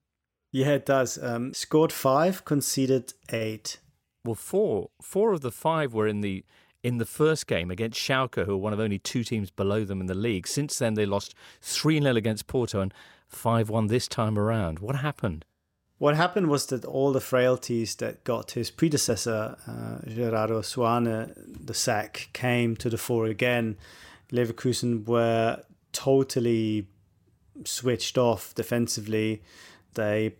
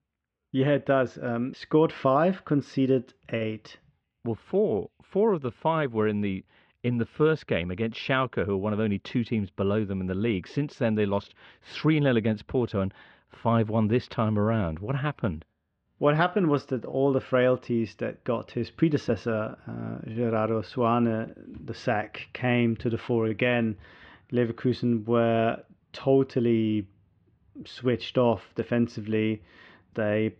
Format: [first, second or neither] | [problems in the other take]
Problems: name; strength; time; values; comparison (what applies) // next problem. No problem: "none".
first | muffled; very; fading above 3.5 kHz